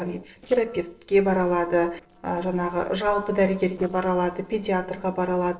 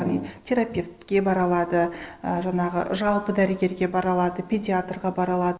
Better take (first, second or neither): second